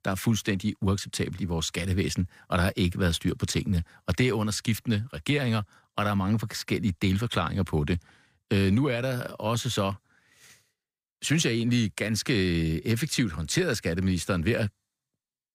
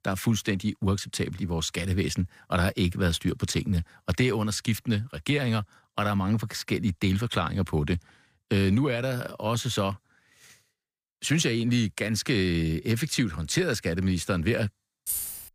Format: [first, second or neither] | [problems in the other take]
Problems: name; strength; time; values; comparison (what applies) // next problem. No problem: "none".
first | jangling keys; noticeable; at 15 s; peak 2 dB below the speech